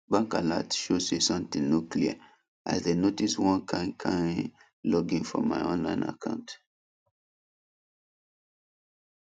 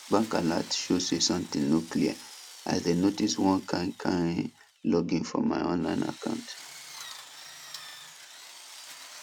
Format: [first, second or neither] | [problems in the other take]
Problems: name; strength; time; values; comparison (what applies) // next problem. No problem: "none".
first | background sound (Drill); 18 dB below the speech